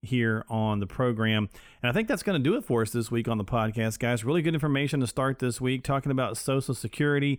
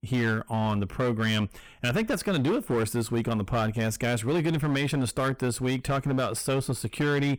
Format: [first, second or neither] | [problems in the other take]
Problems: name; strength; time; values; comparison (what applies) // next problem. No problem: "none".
first | distortion; slight; 14% of the sound clipped